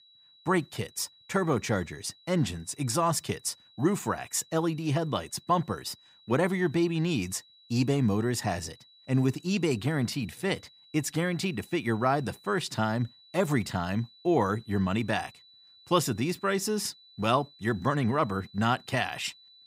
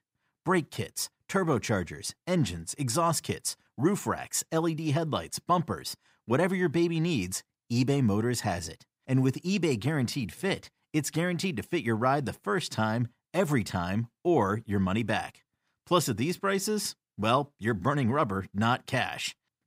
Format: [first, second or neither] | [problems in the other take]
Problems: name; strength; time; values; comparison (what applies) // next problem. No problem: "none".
second | high-pitched whine; faint; throughout; 4 kHz, 25 dB below the speech